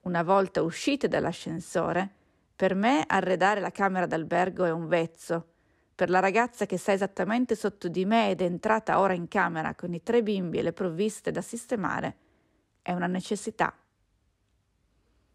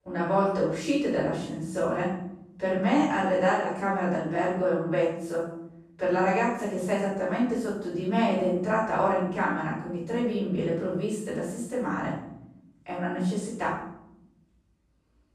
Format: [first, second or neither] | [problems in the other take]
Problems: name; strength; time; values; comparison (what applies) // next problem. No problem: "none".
first | off-mic speech; far // room echo; strong; dies away in 0.8 s